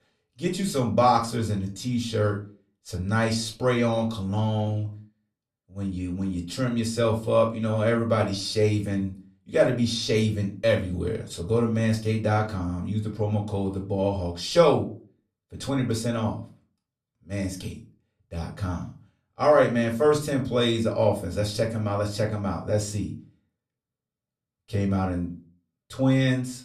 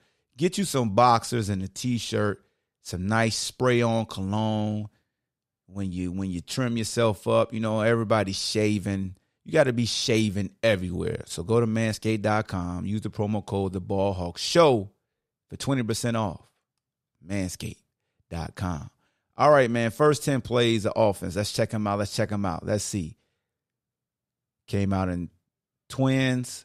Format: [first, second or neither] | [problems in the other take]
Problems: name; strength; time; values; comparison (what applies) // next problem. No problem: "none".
second | off-mic speech; somewhat distant // room echo; very slight; dies away in 0.3 s